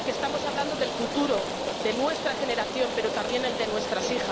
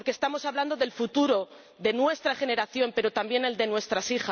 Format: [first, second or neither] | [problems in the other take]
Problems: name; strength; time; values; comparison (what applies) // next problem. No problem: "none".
second | background sound (Rain); 1 dB below the speech